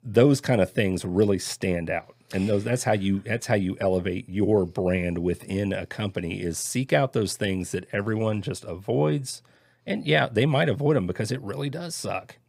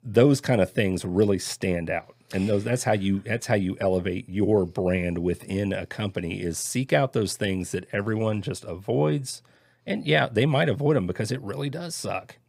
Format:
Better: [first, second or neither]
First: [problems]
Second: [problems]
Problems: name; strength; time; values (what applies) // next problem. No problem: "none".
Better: neither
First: none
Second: none